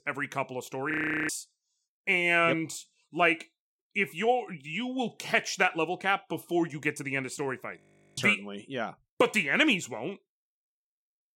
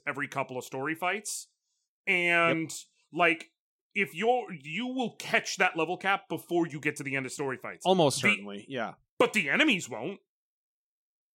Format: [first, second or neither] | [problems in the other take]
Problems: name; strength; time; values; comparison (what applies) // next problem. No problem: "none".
second | audio freezing; at 1 s and at 8 s